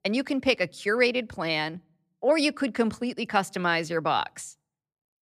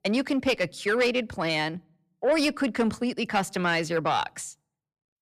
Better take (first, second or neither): first